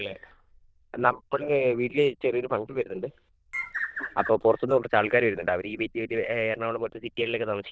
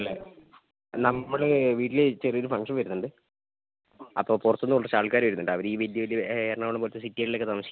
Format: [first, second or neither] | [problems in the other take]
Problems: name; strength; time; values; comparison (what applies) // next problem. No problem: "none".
second | noise reduction (neural diffusion model UNIVERSE++)